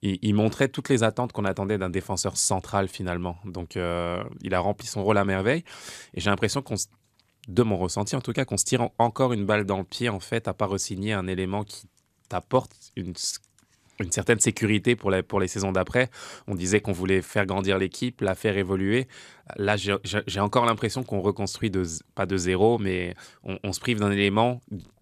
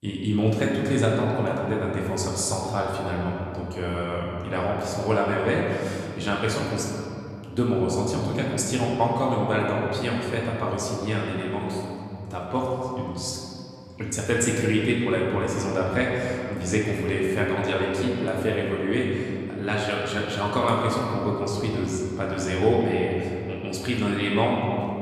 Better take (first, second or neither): first